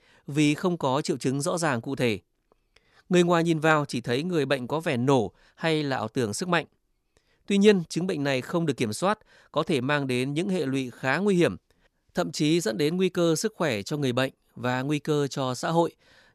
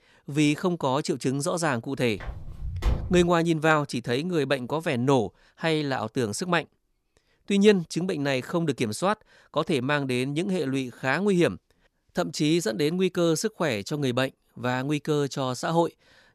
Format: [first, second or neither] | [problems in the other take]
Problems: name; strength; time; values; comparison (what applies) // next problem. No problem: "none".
first | footsteps; noticeable; from 2 to 3 s; peak 4 dB below the speech